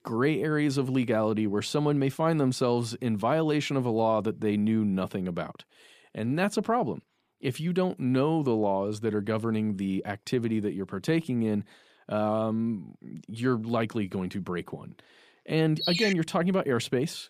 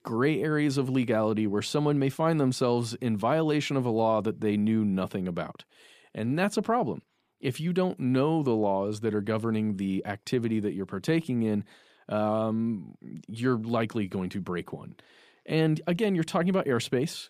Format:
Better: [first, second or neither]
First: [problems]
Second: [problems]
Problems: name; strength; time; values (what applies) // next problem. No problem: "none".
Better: second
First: phone ringing; loud; at 16 s; peak 1 dB above the speech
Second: none